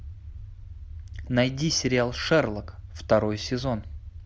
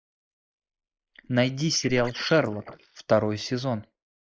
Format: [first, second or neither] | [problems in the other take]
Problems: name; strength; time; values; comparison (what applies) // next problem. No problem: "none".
first | noise reduction (neural mask model Resemble Enhance denoiser)